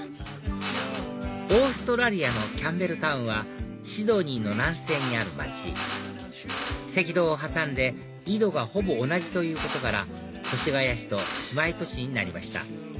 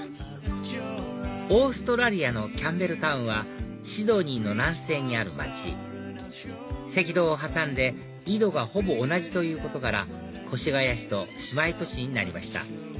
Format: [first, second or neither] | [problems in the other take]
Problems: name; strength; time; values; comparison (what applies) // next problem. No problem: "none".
second | background sound (Drill); 11 dB below the speech